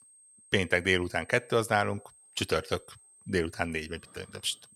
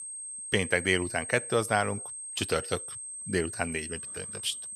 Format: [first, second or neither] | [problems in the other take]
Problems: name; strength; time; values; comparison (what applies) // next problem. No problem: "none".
first | high-pitched whine; loud; throughout; 8.5 kHz, 7 dB below the speech; faint in the first